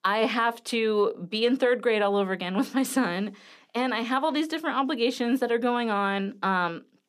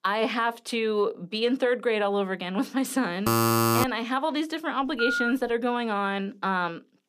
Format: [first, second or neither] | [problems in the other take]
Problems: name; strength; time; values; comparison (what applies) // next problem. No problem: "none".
first | alarm; loud; at 3.5 s; peak 6 dB above the speech // phone ringing; loud; at 5 s; peak 1 dB above the speech